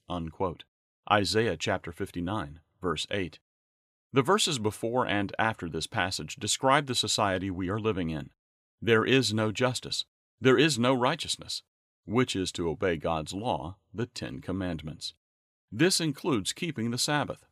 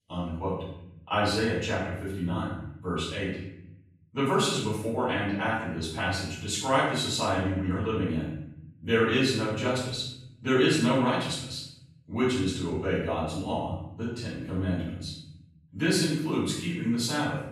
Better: first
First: none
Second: off-mic speech; far // room echo; noticeable; dies away in 0.8 s

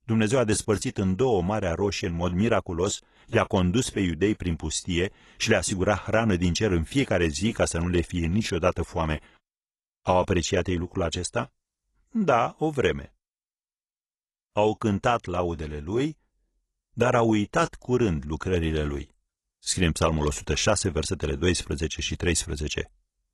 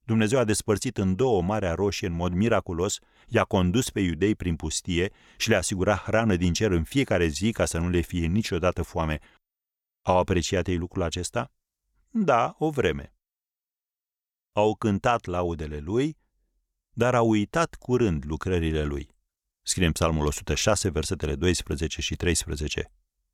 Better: second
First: garbled, watery; slightly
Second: none

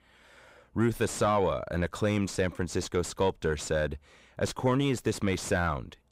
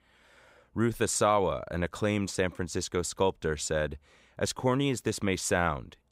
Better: second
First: distortion; slight; 10 dB below the speech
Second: none

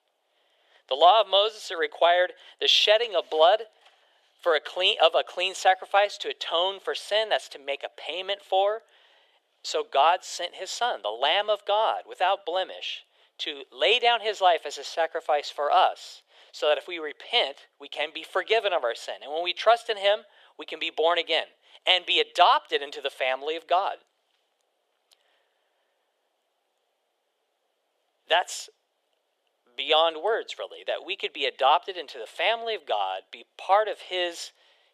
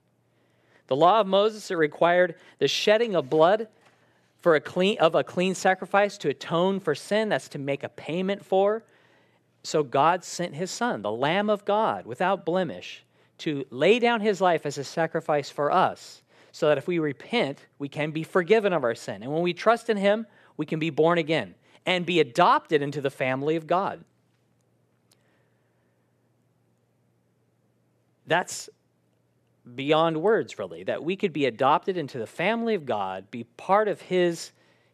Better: second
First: thin; very; fading below 450 Hz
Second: none

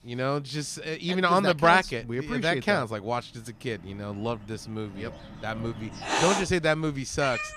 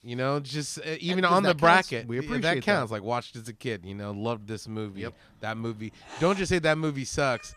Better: second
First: animal sounds; loud; throughout; 5 dB below the speech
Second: animal sounds; faint; throughout; 20 dB below the speech

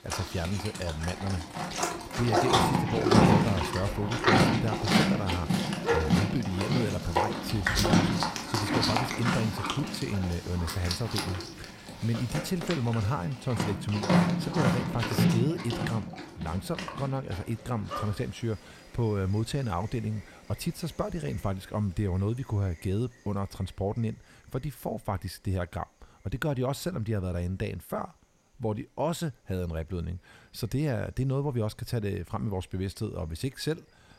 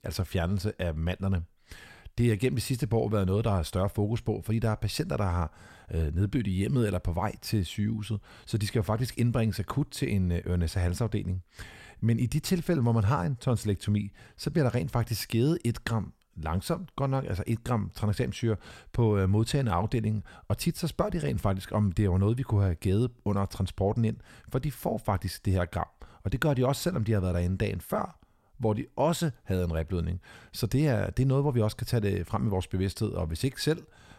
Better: second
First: animal sounds; very loud; throughout; 4 dB above the speech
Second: none

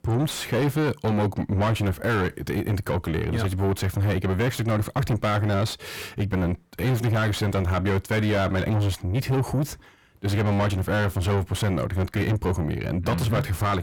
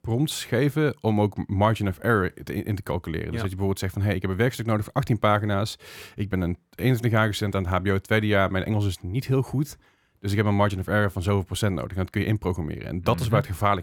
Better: second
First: distortion; heavy; 6 dB below the speech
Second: none

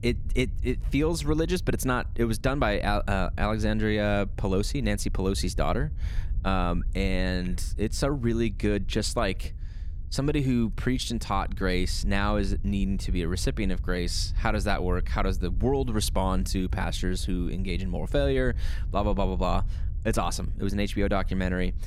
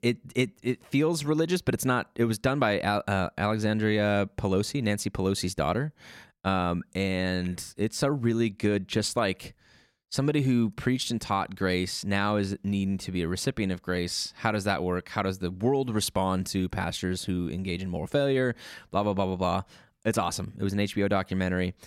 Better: second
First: low rumble; faint; throughout; 25 dB below the speech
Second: none

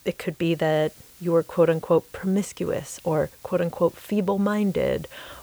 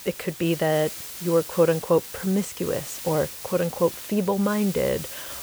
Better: first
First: hiss; faint; throughout; 25 dB below the speech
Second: hiss; loud; throughout; 10 dB below the speech

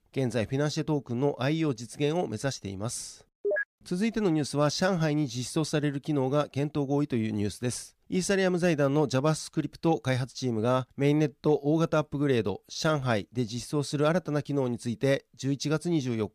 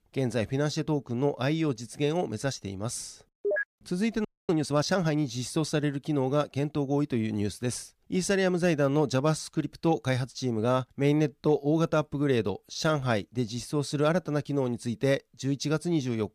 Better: first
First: none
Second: audio freezing; at 4.5 s

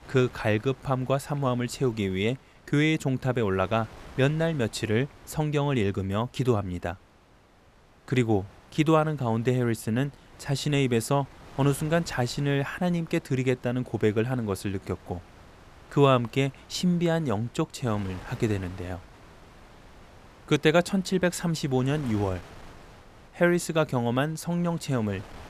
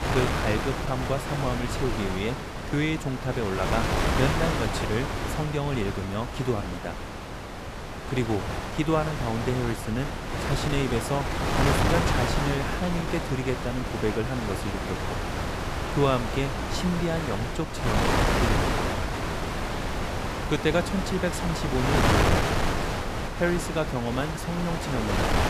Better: first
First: wind noise on the microphone; occasional gusts; 20 dB below the speech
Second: wind noise on the microphone; heavy; 2 dB above the speech

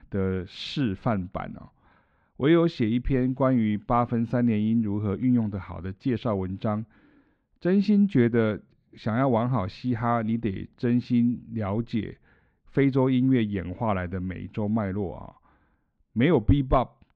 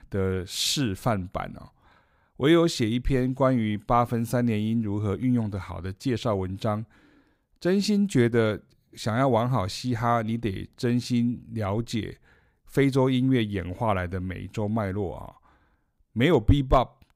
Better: second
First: muffled; slightly; fading above 3 kHz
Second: none

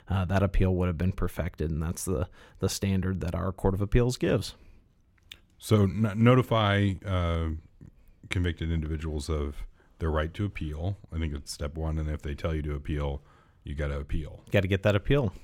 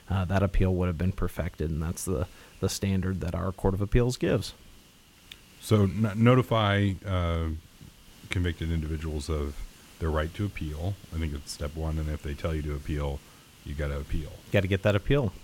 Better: first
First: none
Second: hiss; faint; throughout; 25 dB below the speech

